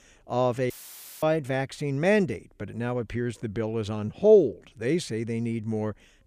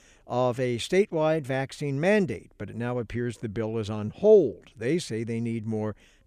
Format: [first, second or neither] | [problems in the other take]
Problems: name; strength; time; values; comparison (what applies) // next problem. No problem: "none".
second | audio cutting out; filled with static; at 0.5 s for 0.5 s